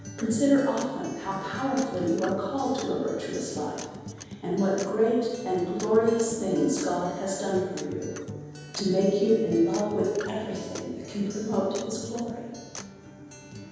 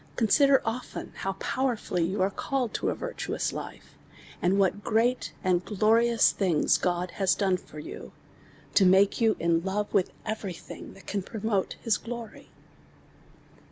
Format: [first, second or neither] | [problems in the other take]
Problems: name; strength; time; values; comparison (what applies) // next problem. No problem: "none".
second | background sound (Acoustic guitar); 13 dB below the speech // room echo; dies away in 1.2 s